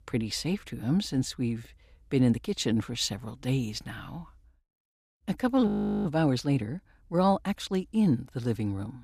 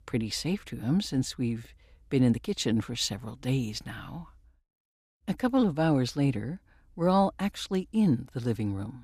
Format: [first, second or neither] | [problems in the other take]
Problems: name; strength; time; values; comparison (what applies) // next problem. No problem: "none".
second | audio freezing; at 5.5 s